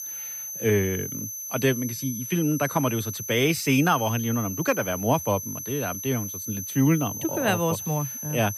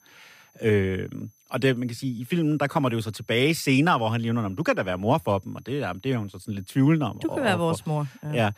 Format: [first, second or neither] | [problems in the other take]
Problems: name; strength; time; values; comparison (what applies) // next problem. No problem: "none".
second | high-pitched whine; loud; throughout; 6 kHz, 7 dB below the speech; faint in the second